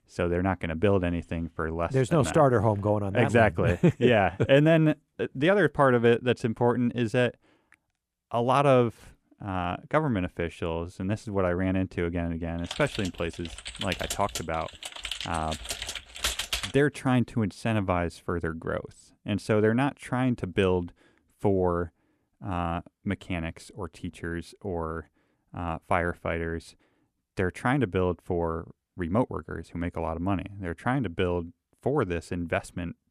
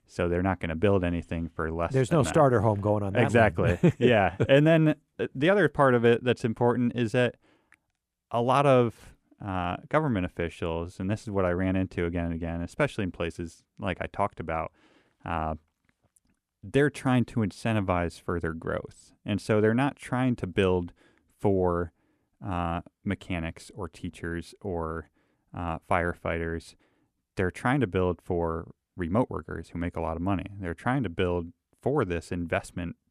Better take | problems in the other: second | keyboard typing; noticeable; from 13 to 17 s; peak 1 dB below the speech

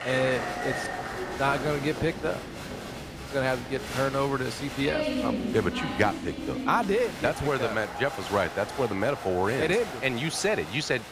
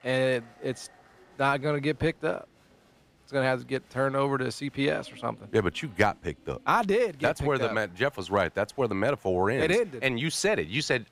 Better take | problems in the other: second | crowd noise; loud; throughout; 6 dB below the speech; faint in the second

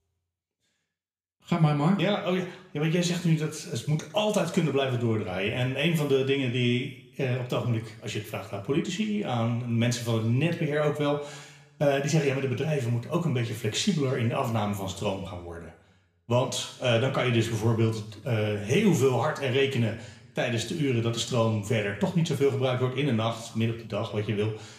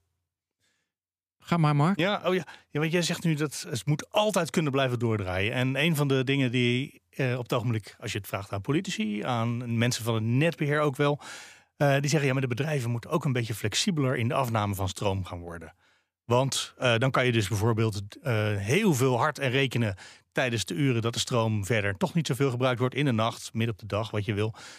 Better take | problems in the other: second | room echo; slight; dies away in 0.7 s // off-mic speech; somewhat distant

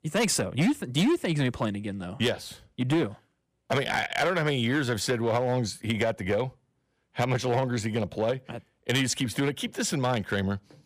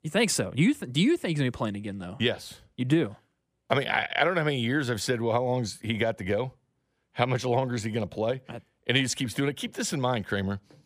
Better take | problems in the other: second | distortion; slight; 6% of the sound clipped

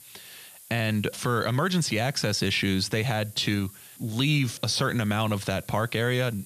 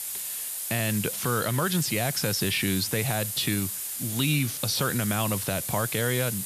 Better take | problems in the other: first | hiss; loud; throughout; 3 dB below the speech; faint in the first

